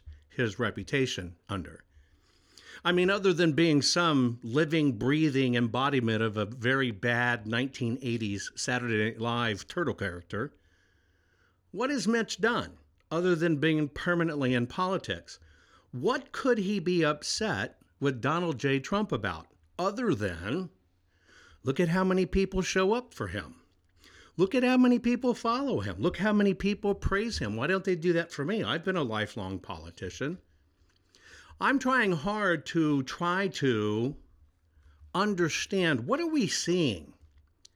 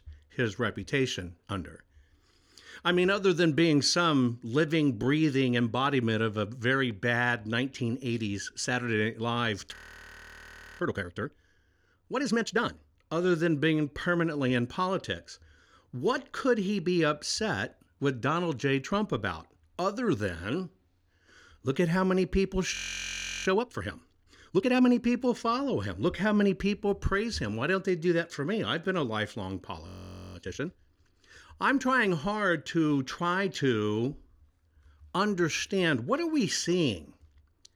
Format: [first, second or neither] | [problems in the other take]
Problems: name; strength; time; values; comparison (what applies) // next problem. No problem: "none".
first | audio freezing; at 10 s for 1 s, at 23 s for 0.5 s and at 30 s